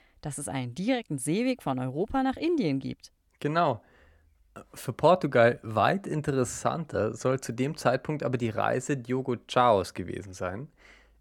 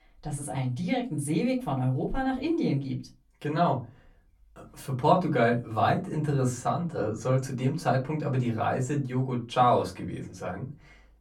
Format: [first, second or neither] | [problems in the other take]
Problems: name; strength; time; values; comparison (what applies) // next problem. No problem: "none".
first | off-mic speech; far // room echo; very slight; dies away in 0.3 s